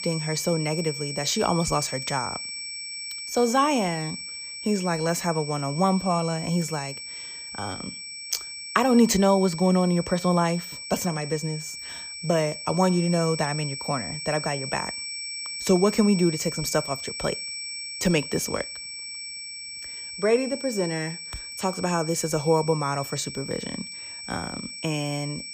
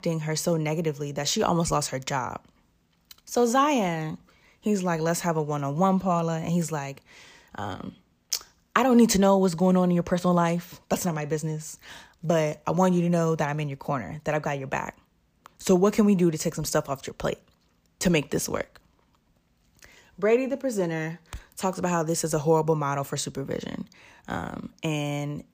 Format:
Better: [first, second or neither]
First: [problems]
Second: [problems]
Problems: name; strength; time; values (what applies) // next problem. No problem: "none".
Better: second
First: high-pitched whine; loud; throughout; 5.5 kHz, 8 dB below the speech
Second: none